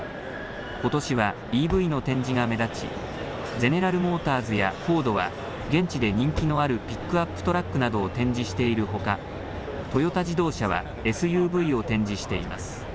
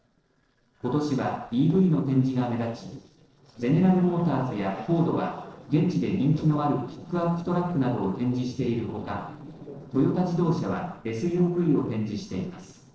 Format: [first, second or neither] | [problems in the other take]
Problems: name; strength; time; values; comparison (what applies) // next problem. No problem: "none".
first | noise reduction (neural separator model SepFormer DNS4)